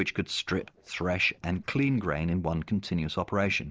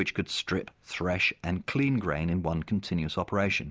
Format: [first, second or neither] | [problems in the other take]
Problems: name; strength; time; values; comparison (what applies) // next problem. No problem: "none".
second | noise reduction (neural separator model SepFormer DNS4)